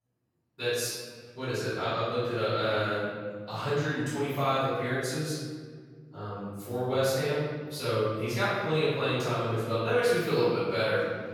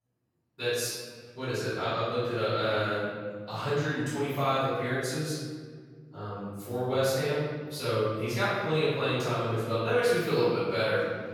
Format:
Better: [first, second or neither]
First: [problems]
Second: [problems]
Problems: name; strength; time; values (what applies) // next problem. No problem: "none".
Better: neither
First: room echo; strong; dies away in 1.7 s // off-mic speech; far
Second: room echo; strong; dies away in 1.7 s // off-mic speech; far